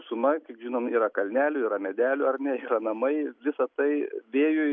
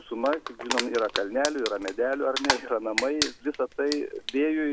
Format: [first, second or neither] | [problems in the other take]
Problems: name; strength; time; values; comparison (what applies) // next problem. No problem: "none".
first | background sound (Crumpling, crinkling); 6 dB below the speech